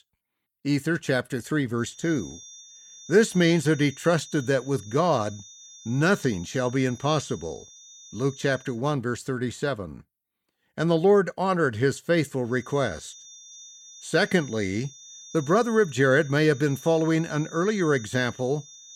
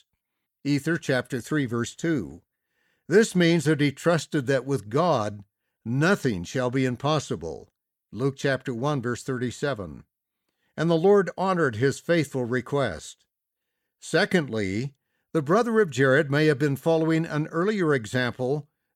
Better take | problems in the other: second | high-pitched whine; noticeable; from 2 to 8.5 s and from 13 s on; 6 kHz, 20 dB below the speech

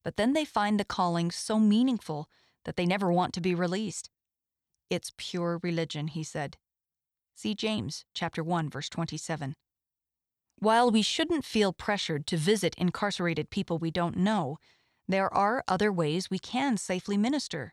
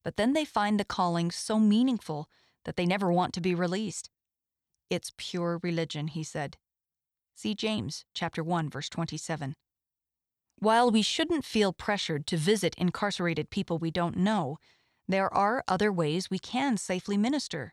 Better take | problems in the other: neither | none

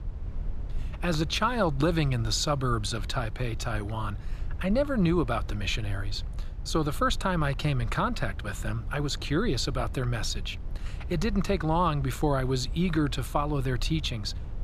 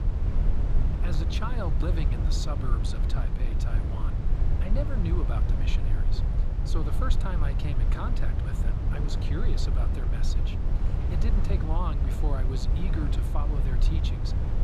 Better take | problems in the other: first | low rumble; loud; throughout; 2 dB below the speech; faint in the first

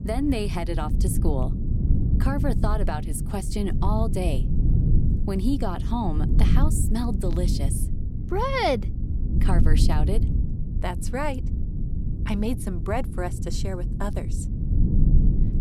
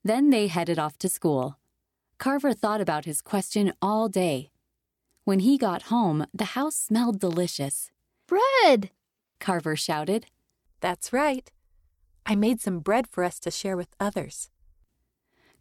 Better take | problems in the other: second | low rumble; loud; throughout; 8 dB below the speech

